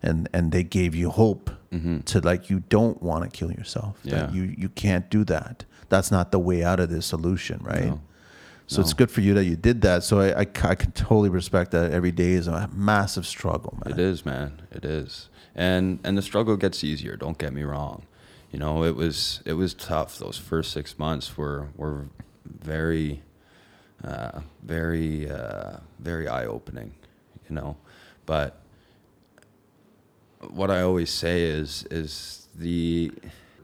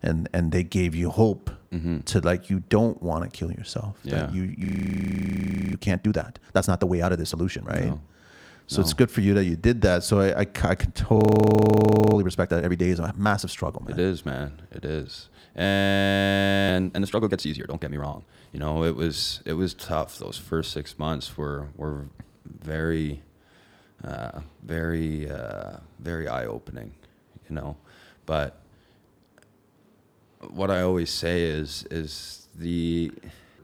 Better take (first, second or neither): first